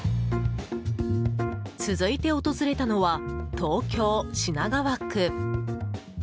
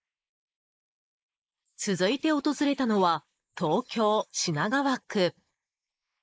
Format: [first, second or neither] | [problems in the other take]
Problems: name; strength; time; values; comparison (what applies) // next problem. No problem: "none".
first | noise reduction (neural mask model Resemble Enhance denoiser)